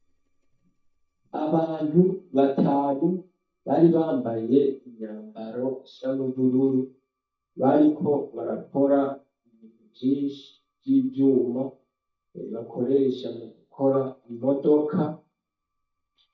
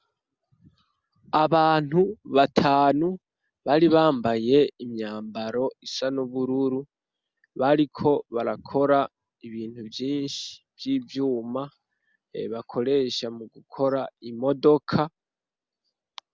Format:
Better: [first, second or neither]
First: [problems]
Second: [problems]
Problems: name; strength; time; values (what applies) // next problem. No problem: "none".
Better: second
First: noise reduction (neural mask model DeepFilterNet 3)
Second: none